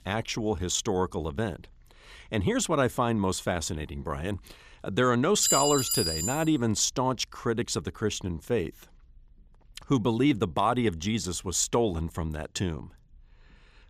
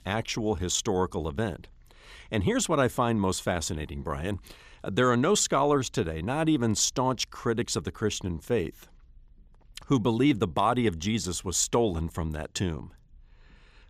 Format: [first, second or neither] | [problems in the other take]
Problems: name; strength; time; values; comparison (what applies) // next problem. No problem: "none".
second | clattering dishes; loud; at 5.5 s; peak 4 dB above the speech